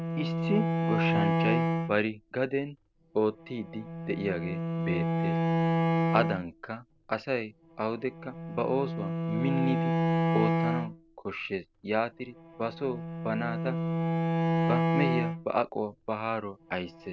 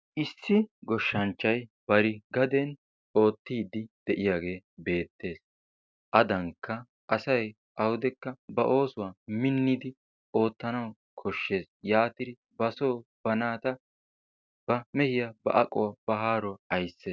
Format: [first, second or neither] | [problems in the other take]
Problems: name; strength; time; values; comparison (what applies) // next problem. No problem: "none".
second | background sound (Bowed string instrument); 3 dB above the speech